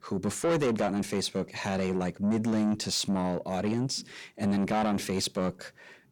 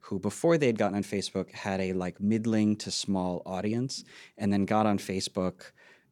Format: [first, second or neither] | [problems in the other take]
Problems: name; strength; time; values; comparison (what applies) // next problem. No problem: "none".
second | distortion; heavy; 8 dB below the speech